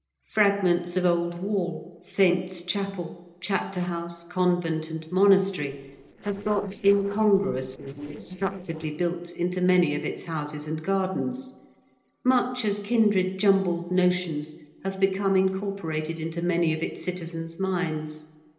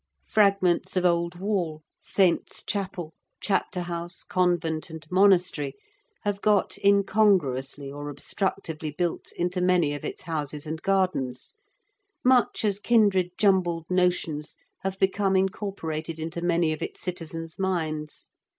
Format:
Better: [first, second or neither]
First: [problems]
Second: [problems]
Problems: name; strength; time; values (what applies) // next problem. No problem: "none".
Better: second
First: noise reduction (neural separator model SepFormer DNS4)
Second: none